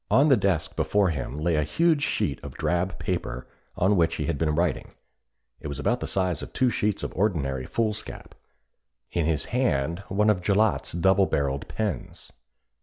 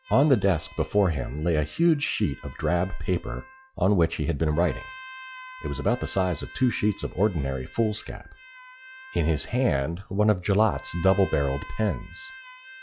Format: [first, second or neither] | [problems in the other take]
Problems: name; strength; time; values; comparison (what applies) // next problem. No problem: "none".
first | noise reduction (classical method log-MMSE)